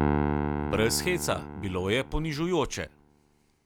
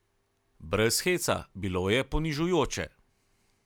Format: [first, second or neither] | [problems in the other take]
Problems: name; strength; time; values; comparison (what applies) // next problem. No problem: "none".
second | background sound (Piano); 2 dB below the speech